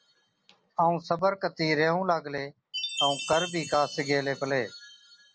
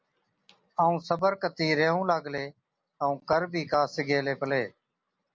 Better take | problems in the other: second | background sound (Chime); 11 dB below the speech

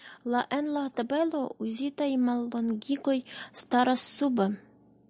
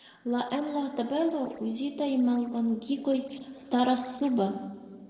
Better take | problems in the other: first | noise reduction (neural separator model SepFormer DNS4)

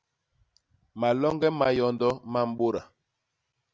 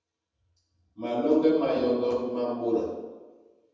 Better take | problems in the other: first | room echo; dies away in 1.1 s

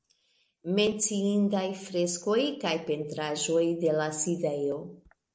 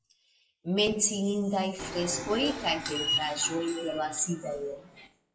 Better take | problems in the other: first | noise reduction (classical method WPE with log-MMSE)

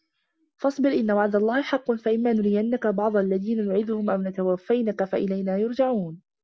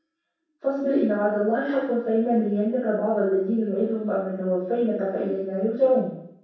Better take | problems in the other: first | room echo; dies away in 0.7 s

